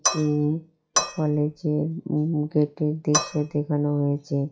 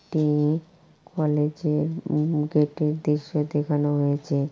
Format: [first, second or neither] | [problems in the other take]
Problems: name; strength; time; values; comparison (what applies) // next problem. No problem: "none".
second | noise reduction (classical method log-MMSE)